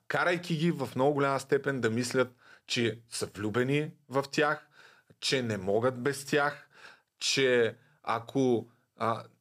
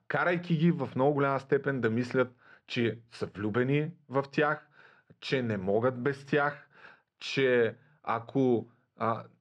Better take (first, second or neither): first